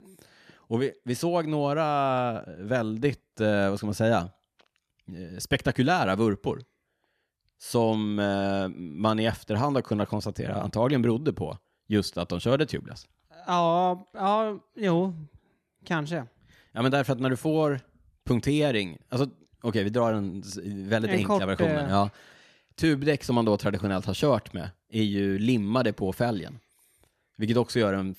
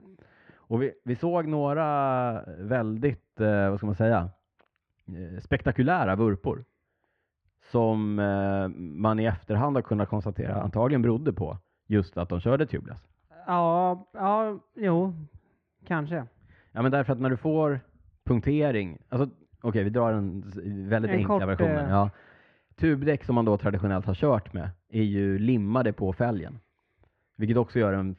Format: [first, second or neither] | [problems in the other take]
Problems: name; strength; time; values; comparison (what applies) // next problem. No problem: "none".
first | muffled; very; fading above 2 kHz